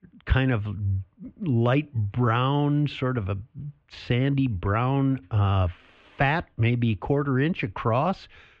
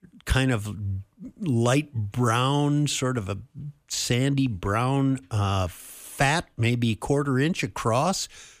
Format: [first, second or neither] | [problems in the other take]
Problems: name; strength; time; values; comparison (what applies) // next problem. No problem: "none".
second | muffled; very; fading above 3 kHz